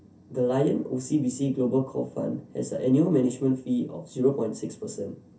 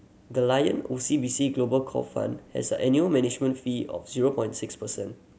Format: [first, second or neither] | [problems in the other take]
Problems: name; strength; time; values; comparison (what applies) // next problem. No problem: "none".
second | room echo; dies away in 0.3 s